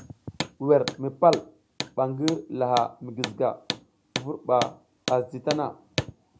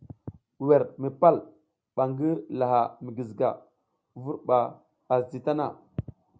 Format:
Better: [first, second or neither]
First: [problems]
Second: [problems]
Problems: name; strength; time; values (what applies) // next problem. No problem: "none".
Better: second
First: background sound (Hammer); 10 dB below the speech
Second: none